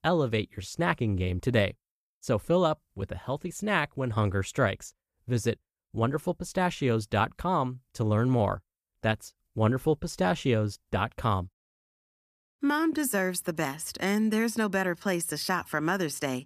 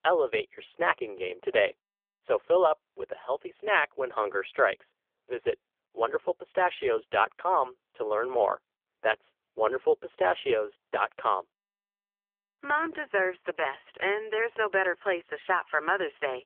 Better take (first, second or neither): first